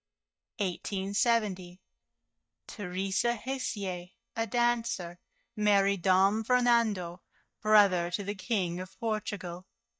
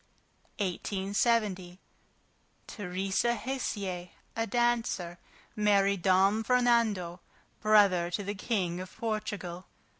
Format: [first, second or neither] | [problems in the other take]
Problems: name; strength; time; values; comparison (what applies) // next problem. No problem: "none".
second | noise reduction (neural mask model DeepFilterNet 3)